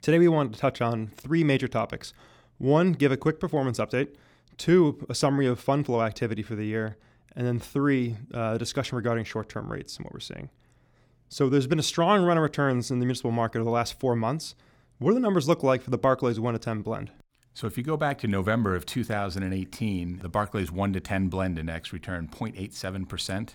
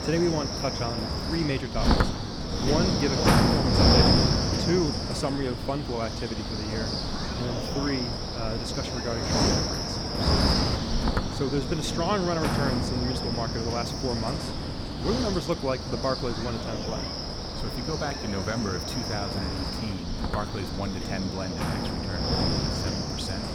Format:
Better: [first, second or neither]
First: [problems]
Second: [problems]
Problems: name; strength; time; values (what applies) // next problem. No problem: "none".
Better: first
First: none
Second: wind noise on the microphone; heavy; 4 dB above the speech